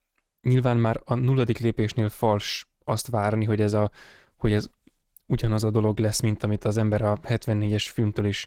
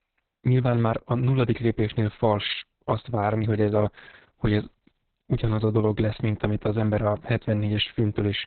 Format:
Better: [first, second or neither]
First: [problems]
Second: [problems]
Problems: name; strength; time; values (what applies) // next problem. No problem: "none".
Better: first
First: garbled, watery; slightly; nothing above 16.5 kHz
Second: garbled, watery; badly; nothing above 4 kHz